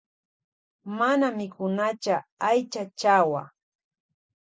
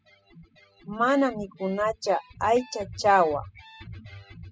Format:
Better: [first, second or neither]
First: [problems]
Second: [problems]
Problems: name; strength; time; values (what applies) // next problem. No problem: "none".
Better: first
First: none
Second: noise reduction (classical method spectral subtraction)